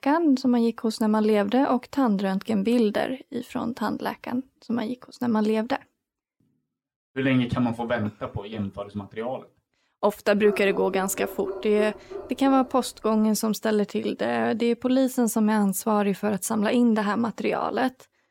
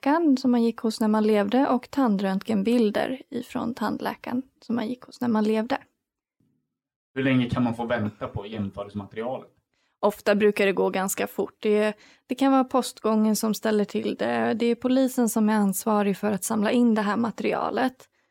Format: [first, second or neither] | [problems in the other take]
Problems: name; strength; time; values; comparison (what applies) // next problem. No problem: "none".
second | dog barking; noticeable; from 10 to 13 s; peak 8 dB below the speech